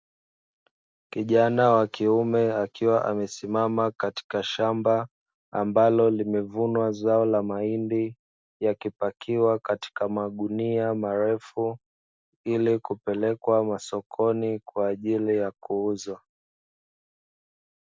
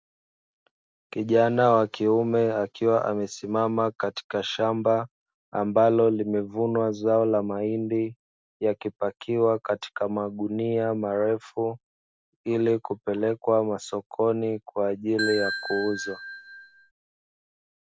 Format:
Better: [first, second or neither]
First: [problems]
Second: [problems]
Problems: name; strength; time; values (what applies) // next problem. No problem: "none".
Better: first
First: none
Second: background sound (Ringtone / Bell); 7 dB below the speech